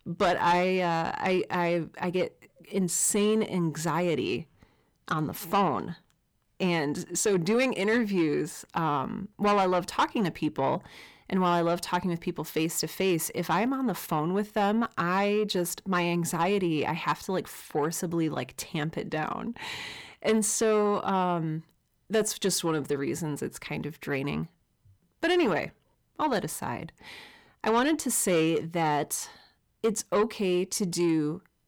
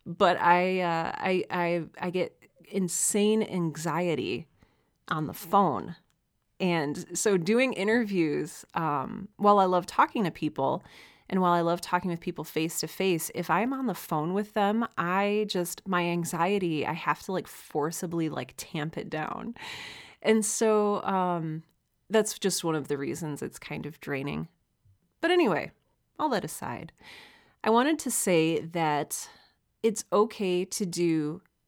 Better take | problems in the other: second | distortion; slight; 10 dB below the speech

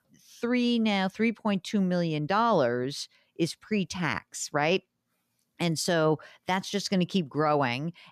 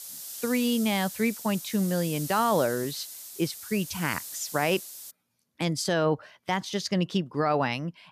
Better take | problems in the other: first | hiss; loud; until 5 s; 9 dB below the speech

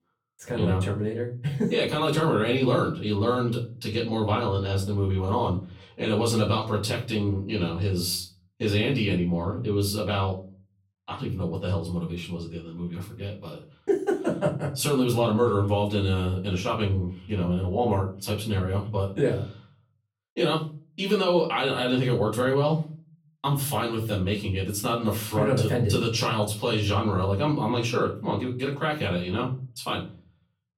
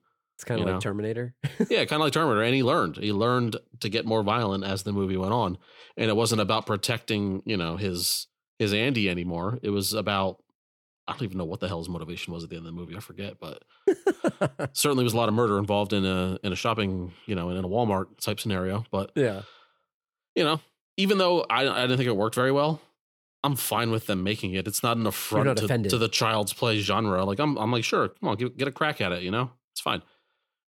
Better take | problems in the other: second | off-mic speech; far // room echo; slight; dies away in 0.4 s

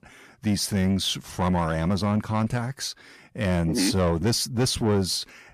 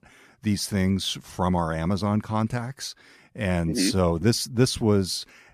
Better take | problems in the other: second | distortion; slight; 10 dB below the speech

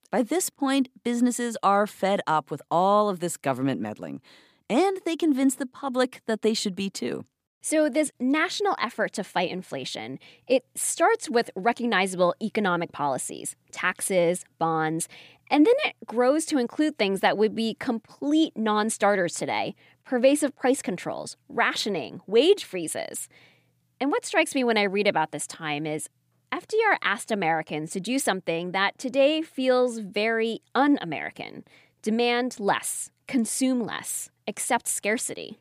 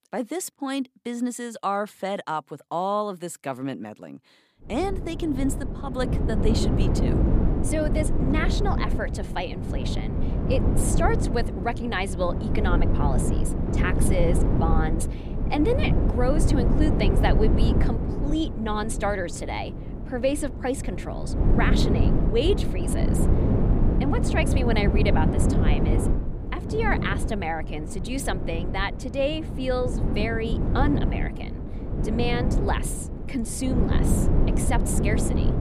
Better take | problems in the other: first | wind noise on the microphone; heavy; from 4.5 s on; 4 dB below the speech

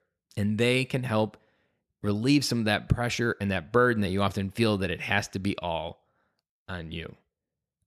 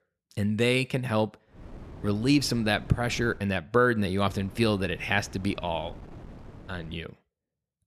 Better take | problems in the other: first | wind noise on the microphone; occasional gusts; from 1.5 to 3.5 s and from 4.5 to 7 s; 25 dB below the speech

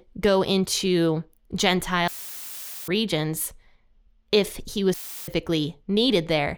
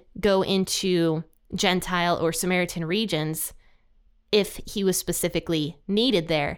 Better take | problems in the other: second | audio cutting out; filled with static; at 2 s for 1 s and at 5 s

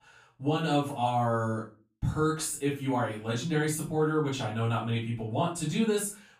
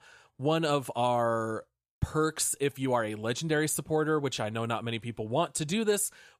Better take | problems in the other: second | off-mic speech; far // room echo; slight; dies away in 0.3 s

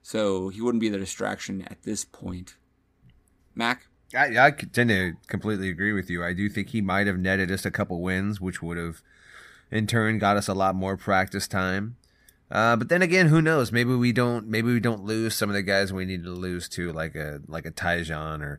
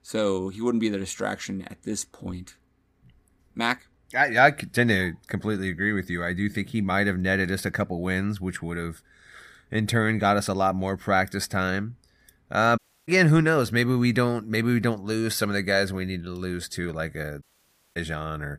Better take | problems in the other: first | audio cutting out; at 13 s and at 17 s for 0.5 s

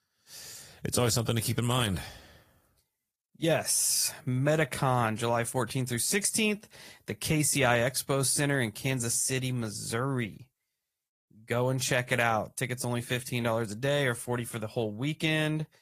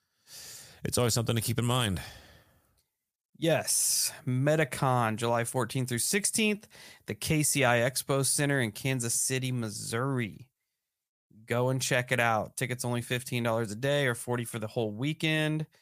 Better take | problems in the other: second | garbled, watery; slightly; nothing above 15 kHz

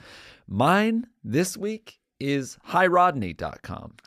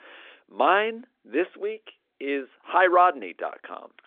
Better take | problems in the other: first | phone-call audio

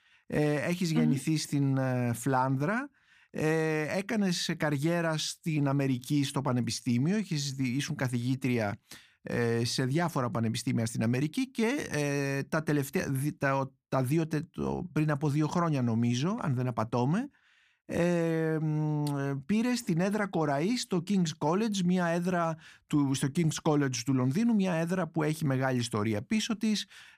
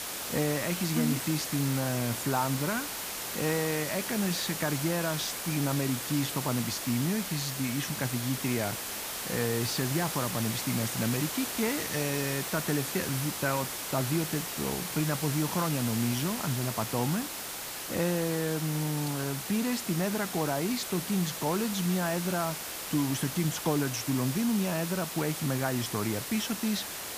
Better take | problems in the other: first | hiss; loud; throughout; 3 dB below the speech

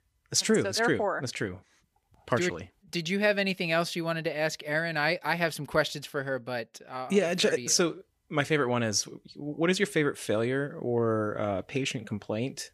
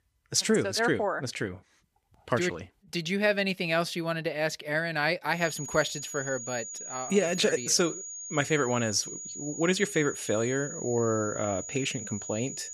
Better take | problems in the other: first | high-pitched whine; loud; from 5.5 s on; 7 kHz, 9 dB below the speech

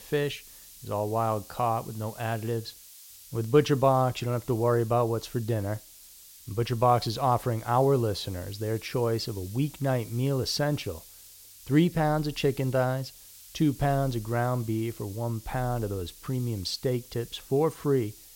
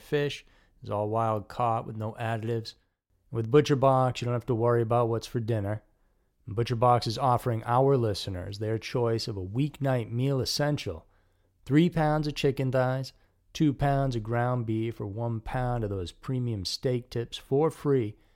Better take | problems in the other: second | hiss; noticeable; throughout; 20 dB below the speech

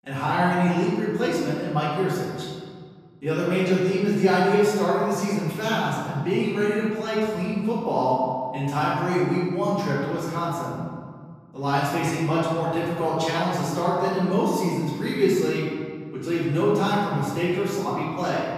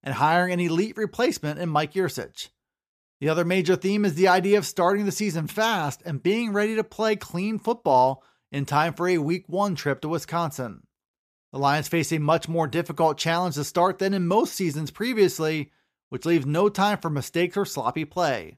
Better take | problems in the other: second | off-mic speech; far // room echo; strong; dies away in 1.7 s

